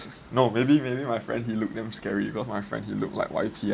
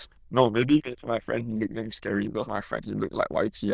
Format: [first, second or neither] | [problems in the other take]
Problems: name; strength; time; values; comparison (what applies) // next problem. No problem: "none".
first | noise reduction (neural diffusion model UNIVERSE++)